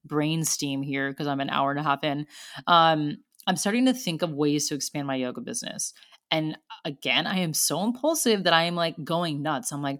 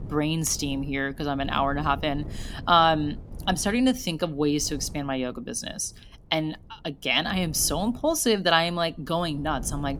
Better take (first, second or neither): first